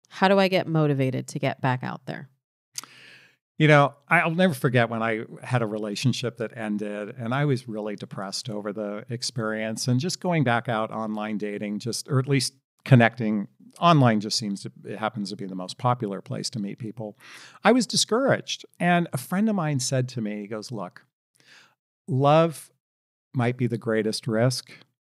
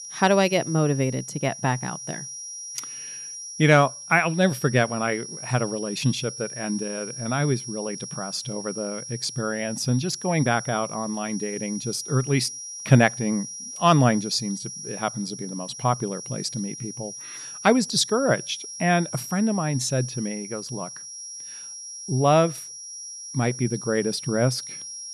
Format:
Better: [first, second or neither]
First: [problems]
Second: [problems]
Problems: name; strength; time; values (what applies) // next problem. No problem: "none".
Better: first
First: none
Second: high-pitched whine; noticeable; throughout; 5.5 kHz, 10 dB below the speech